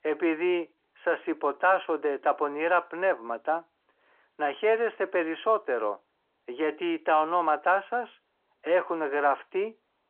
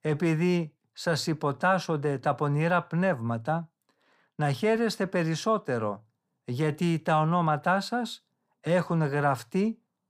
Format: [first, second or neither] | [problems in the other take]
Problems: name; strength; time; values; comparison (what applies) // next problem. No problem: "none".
second | phone-call audio